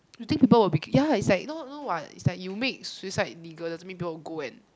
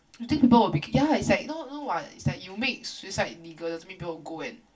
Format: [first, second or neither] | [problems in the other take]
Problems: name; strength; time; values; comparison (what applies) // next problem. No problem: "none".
first | room echo; dies away in 0.2 s